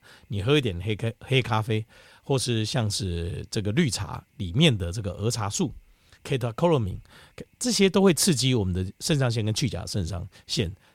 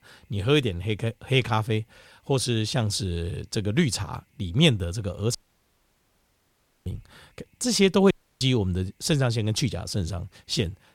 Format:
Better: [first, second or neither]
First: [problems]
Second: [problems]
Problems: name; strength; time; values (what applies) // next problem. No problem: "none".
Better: first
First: none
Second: audio cutting out; at 5.5 s for 1.5 s and at 8 s